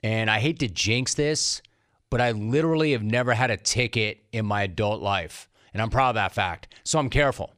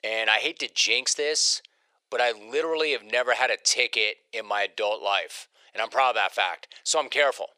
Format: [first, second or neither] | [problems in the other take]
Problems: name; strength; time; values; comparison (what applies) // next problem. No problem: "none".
first | thin; very; fading below 500 Hz